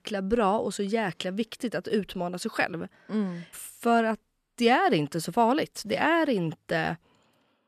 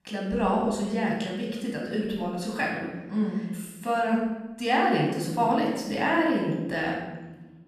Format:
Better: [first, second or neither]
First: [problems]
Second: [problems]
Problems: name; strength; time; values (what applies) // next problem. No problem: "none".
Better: first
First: none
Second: off-mic speech; far // room echo; noticeable; dies away in 1.1 s